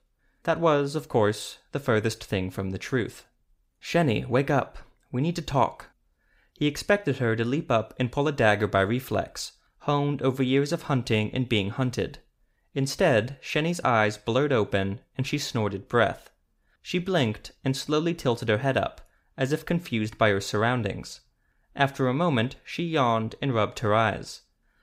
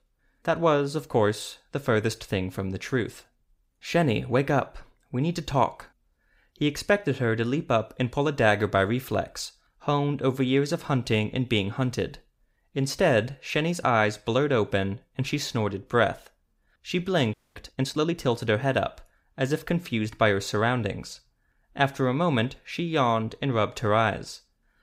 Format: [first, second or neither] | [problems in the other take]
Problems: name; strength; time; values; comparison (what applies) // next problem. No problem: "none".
first | audio freezing; at 17 s